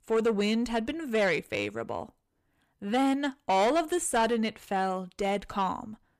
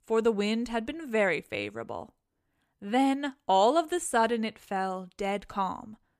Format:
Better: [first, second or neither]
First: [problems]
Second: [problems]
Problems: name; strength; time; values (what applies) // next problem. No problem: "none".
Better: second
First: distortion; slight; 10 dB below the speech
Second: none